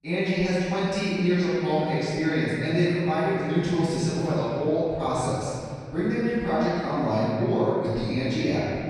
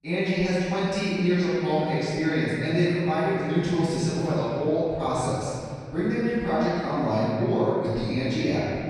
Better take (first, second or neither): neither